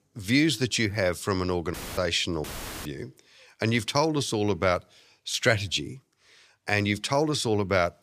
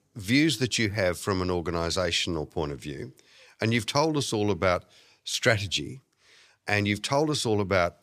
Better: second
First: audio cutting out; filled with static; at 1.5 s and at 2.5 s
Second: none

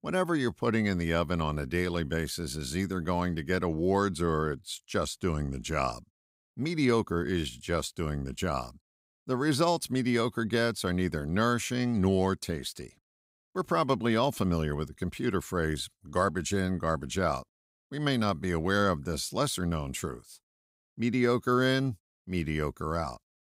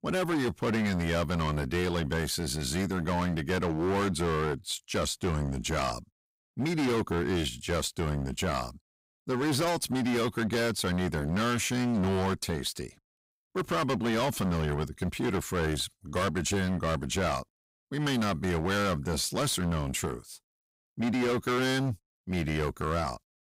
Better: first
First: none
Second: distortion; heavy; 20% of the sound clipped

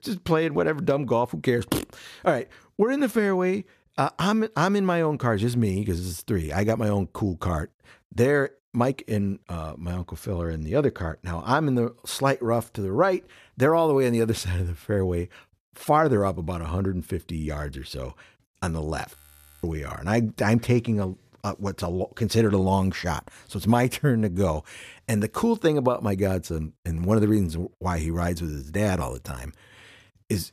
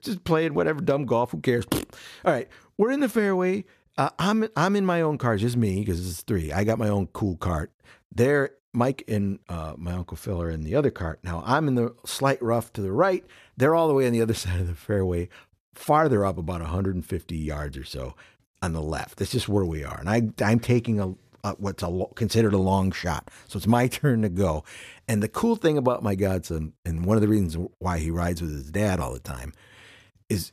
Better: second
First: audio freezing; at 19 s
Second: none

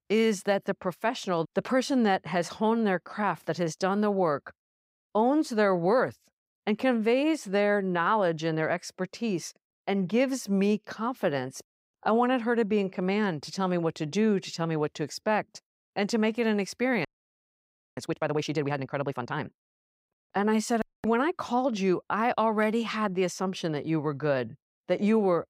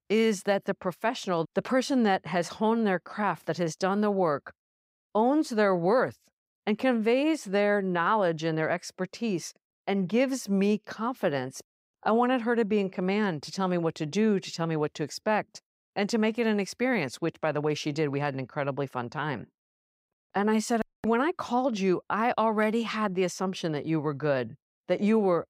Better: second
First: audio freezing; at 17 s for 1 s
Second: none

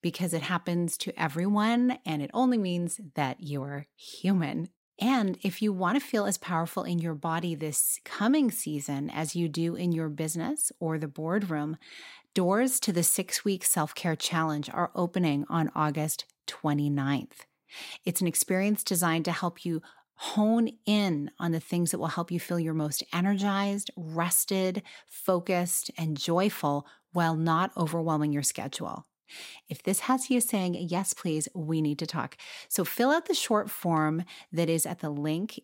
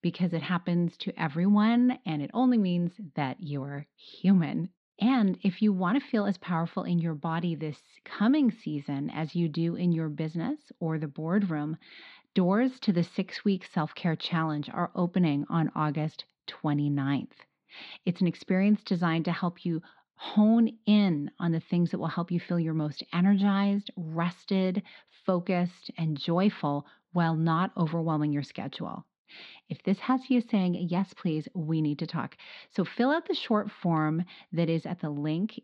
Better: first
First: none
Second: muffled; slightly; fading above 4 kHz

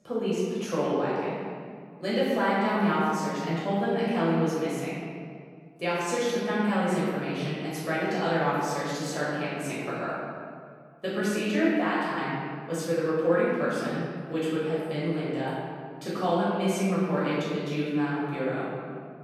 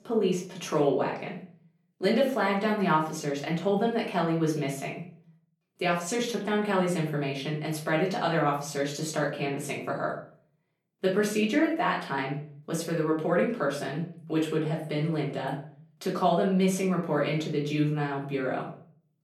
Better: second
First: room echo; strong; dies away in 1.9 s // off-mic speech; far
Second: room echo; slight; dies away in 0.5 s // off-mic speech; far

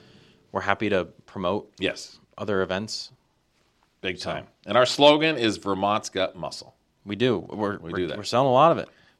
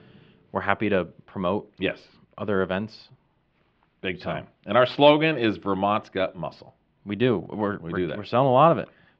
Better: first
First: none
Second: muffled; slightly; fading above 3 kHz

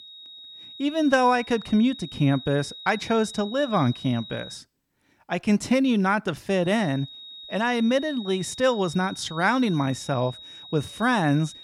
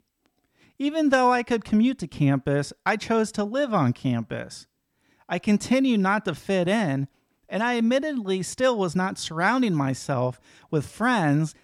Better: second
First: high-pitched whine; noticeable; until 4.5 s and from 6.5 s on; 4 kHz, 15 dB below the speech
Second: none

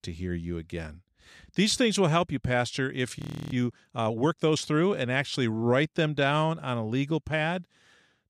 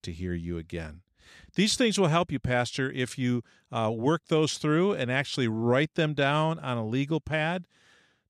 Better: second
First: audio freezing; at 3 s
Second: none

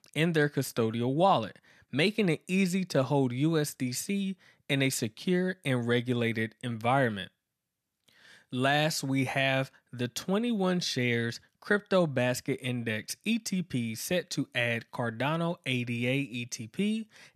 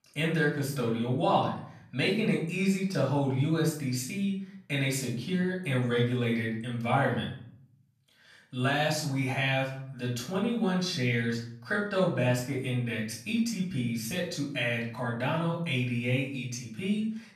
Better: first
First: none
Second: off-mic speech; far // room echo; noticeable; dies away in 0.5 s

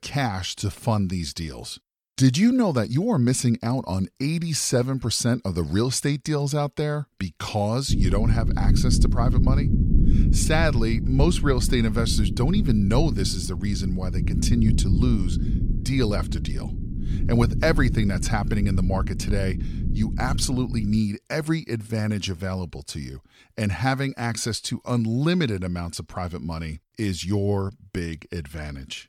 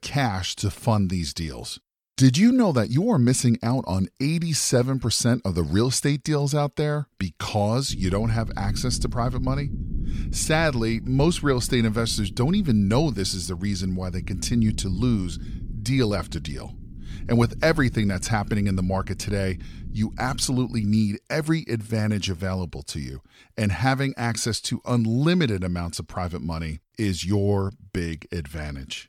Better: second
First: low rumble; loud; from 8 to 21 s; 9 dB below the speech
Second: low rumble; faint; from 8 to 21 s; 20 dB below the speech

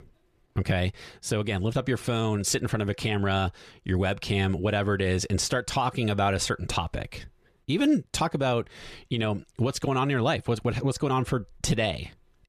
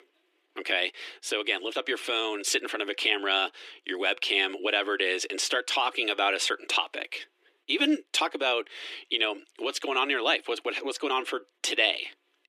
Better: first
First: none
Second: thin; somewhat; fading below 300 Hz

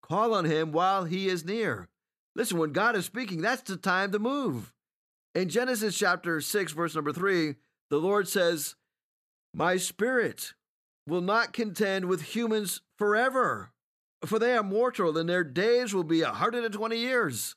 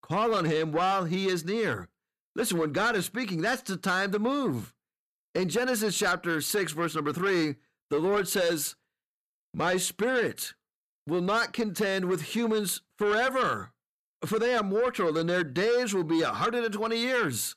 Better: first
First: none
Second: distortion; slight; 10 dB below the speech

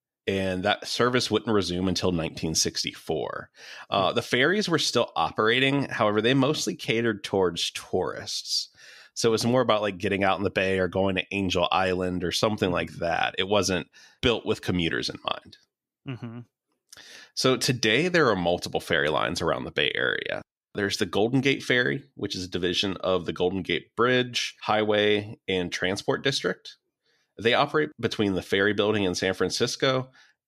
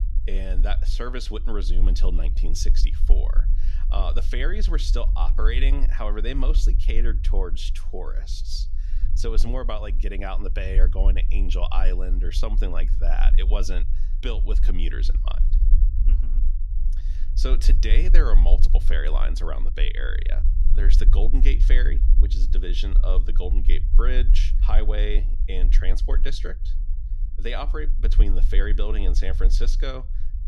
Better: first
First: none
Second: low rumble; noticeable; throughout; 15 dB below the speech

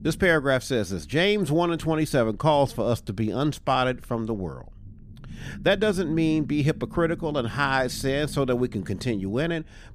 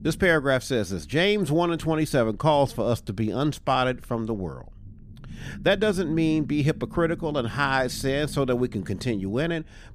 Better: neither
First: low rumble; faint; throughout; 25 dB below the speech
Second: low rumble; faint; throughout; 25 dB below the speech

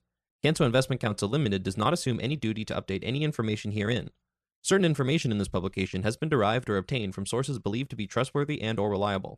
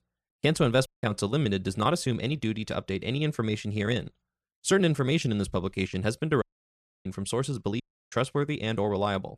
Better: first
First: none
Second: audio cutting out; at 1 s, at 6.5 s for 0.5 s and at 8 s

